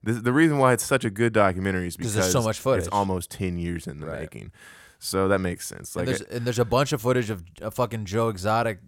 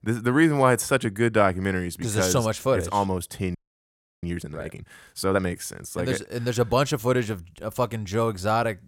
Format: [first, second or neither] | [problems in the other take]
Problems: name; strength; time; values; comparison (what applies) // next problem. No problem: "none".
first | audio freezing; at 3.5 s for 0.5 s